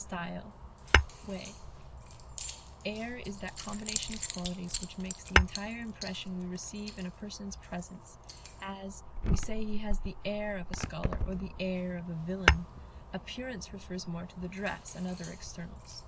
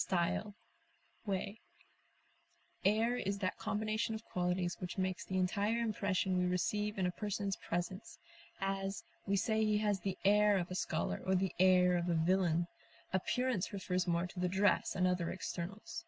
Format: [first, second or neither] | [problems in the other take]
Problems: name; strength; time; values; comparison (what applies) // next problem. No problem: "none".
second | background sound (Keys jangling + Tap / Hammer / Glass); 4 dB above the speech